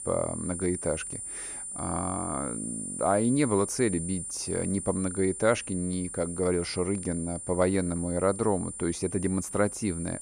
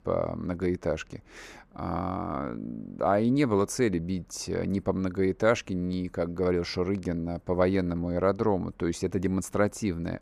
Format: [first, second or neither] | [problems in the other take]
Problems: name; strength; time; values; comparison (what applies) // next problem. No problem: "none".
second | high-pitched whine; loud; throughout; 9.5 kHz, 6 dB below the speech